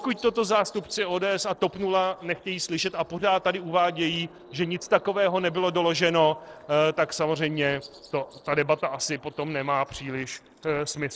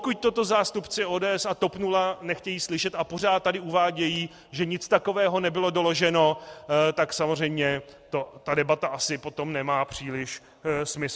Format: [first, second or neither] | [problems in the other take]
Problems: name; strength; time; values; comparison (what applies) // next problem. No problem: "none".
second | noise reduction (neural separator model SepFormer DNS4)